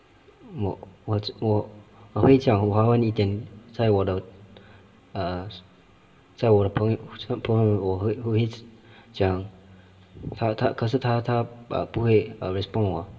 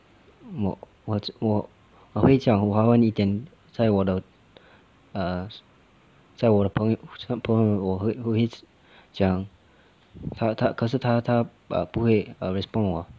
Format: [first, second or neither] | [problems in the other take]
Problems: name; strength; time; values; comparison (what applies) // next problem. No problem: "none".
second | room echo; dies away in 0.7 s